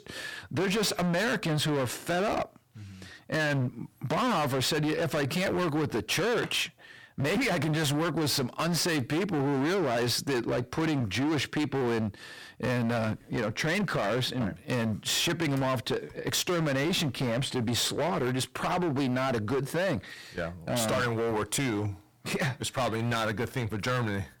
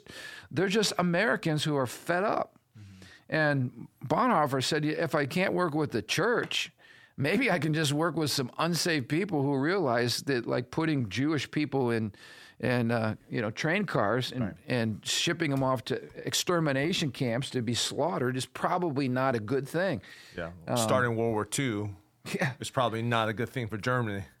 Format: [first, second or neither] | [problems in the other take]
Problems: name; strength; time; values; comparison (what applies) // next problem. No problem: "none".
second | distortion; heavy; 25% of the sound clipped